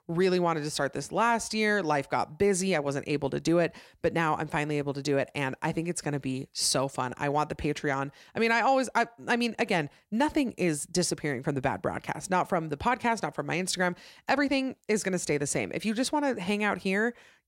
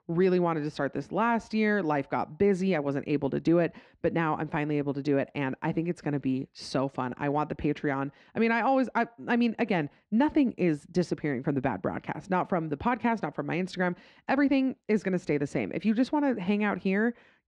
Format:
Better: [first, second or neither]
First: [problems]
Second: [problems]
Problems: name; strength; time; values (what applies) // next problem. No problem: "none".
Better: first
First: none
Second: muffled; slightly; fading above 3 kHz